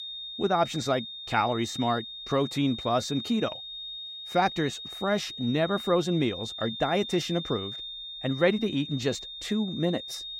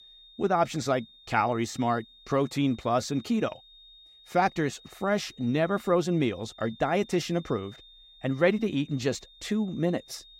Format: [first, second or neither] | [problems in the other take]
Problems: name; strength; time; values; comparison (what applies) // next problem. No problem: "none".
second | high-pitched whine; loud; throughout; 3.5 kHz, 8 dB below the speech; faint in the second